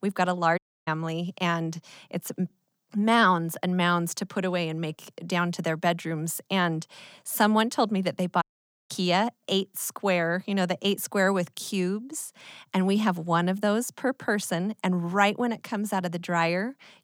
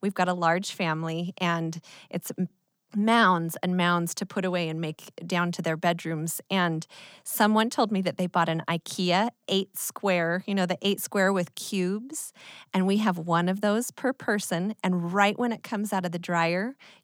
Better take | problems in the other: second | audio cutting out; at 0.5 s and at 8.5 s

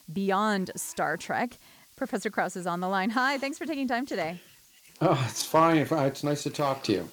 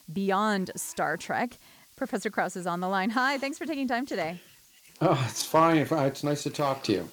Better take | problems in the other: neither | hiss; faint; throughout; 25 dB below the speech; the same in both

